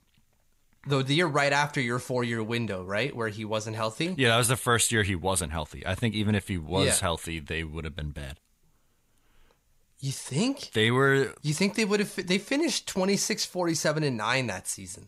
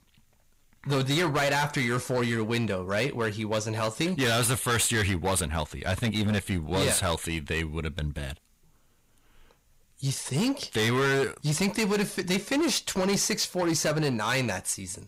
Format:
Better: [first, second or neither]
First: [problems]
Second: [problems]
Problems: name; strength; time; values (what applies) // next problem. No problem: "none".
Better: first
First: none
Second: distortion; heavy; 14% of the sound clipped